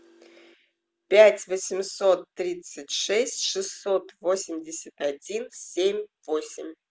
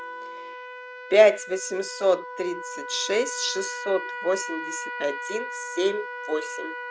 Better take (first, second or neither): first